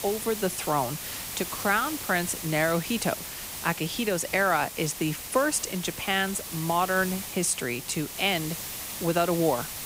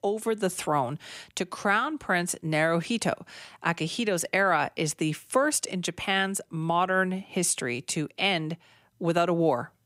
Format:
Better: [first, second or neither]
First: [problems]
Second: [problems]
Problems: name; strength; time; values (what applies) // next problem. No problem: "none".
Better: second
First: hiss; loud; throughout; 7 dB below the speech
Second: none